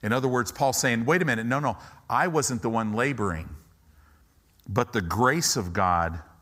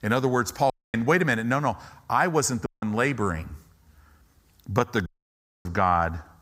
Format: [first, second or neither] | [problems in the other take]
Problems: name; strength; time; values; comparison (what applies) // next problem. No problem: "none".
first | audio cutting out; at 0.5 s, at 2.5 s and at 5 s for 0.5 s